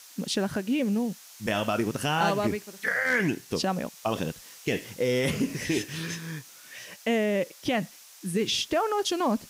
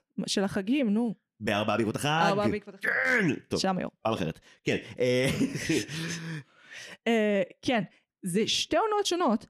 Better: second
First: hiss; noticeable; throughout; 20 dB below the speech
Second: none

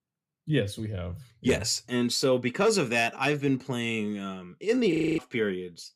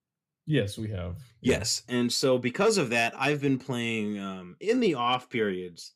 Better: second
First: audio freezing; at 5 s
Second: none

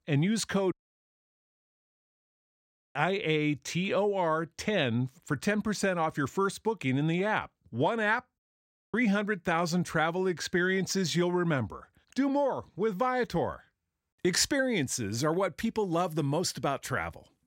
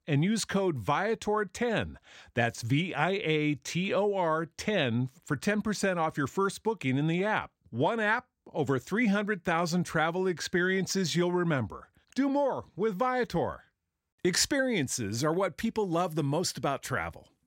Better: second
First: audio cutting out; at 0.5 s for 2 s and at 8.5 s for 0.5 s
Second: none

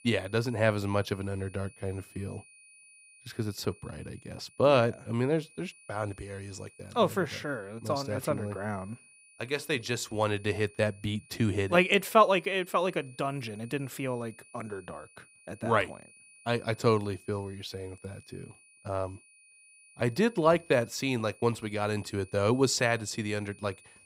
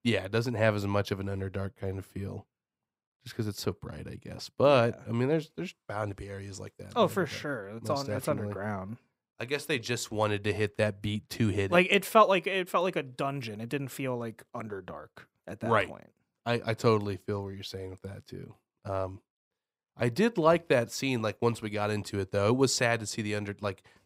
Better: second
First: high-pitched whine; faint; throughout; 2.5 kHz, 25 dB below the speech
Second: none

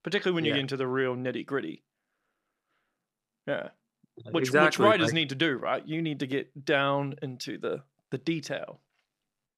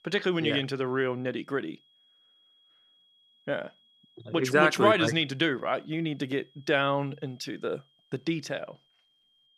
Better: first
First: none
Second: high-pitched whine; faint; throughout; 3.5 kHz, 35 dB below the speech

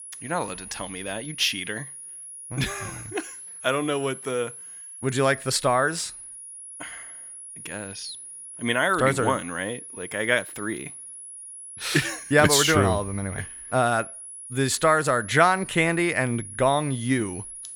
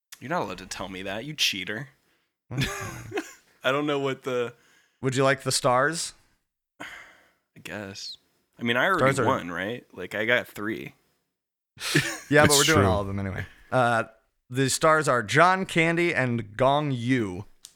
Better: second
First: high-pitched whine; noticeable; throughout; 10.5 kHz, 15 dB below the speech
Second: none

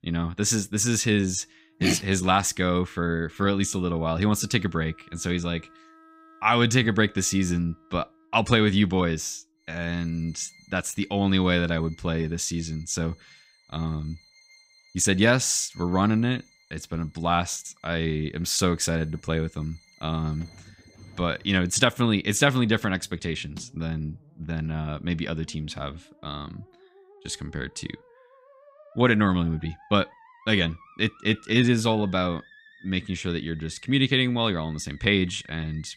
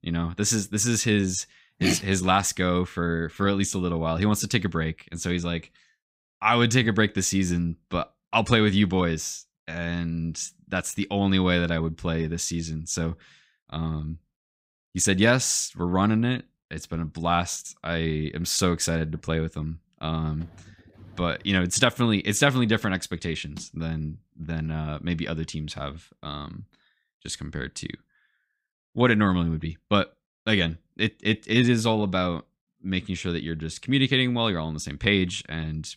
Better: second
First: background music; faint; throughout; 30 dB below the speech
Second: none

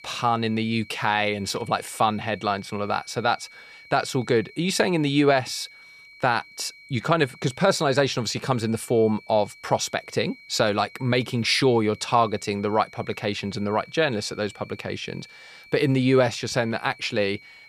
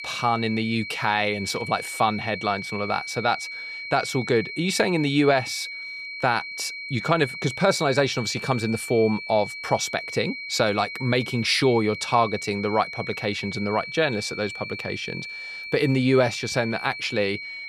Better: first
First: high-pitched whine; faint; throughout; 2.5 kHz, 20 dB below the speech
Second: high-pitched whine; loud; throughout; 2.5 kHz, 8 dB below the speech

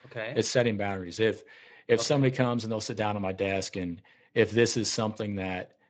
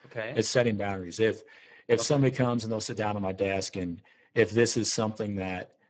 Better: first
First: garbled, watery; slightly; nothing above 7.5 kHz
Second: garbled, watery; badly; nothing above 7.5 kHz

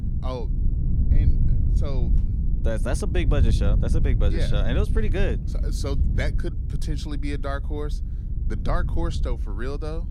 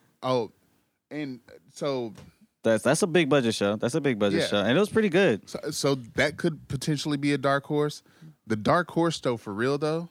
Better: second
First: low rumble; loud; throughout; 8 dB below the speech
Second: none

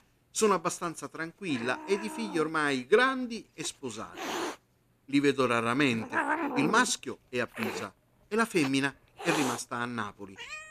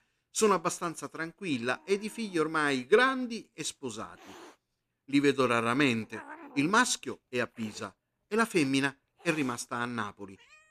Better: second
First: hiss; loud; throughout; 6 dB below the speech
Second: hiss; faint; throughout; 25 dB below the speech

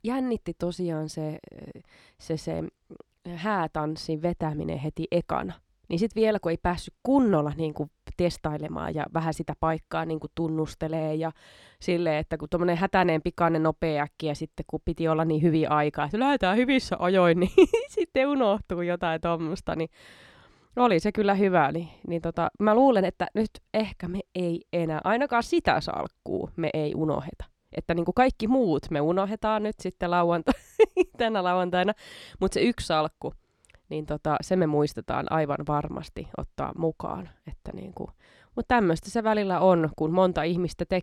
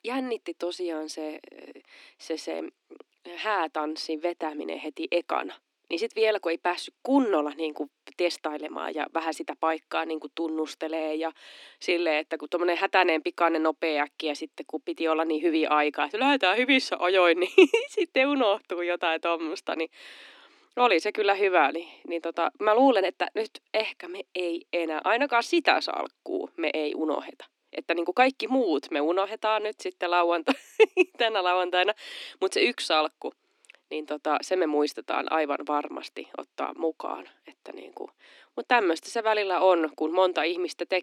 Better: first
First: none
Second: thin; very slightly; fading below 250 Hz

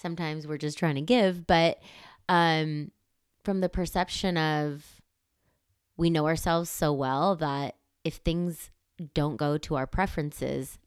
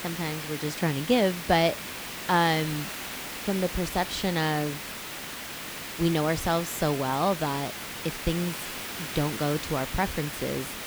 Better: first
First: none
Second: hiss; loud; throughout; 7 dB below the speech

